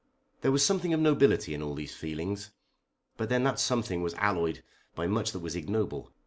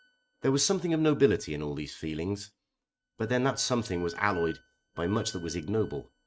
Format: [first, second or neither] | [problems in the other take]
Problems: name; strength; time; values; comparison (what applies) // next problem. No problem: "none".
first | noise reduction (neural mask model RNNoise)